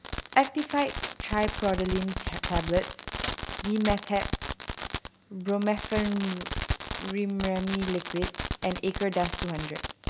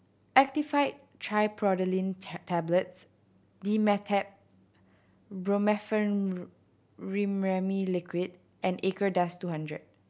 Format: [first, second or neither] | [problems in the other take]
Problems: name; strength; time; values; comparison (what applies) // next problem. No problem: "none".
second | background sound (Fireworks); 5 dB below the speech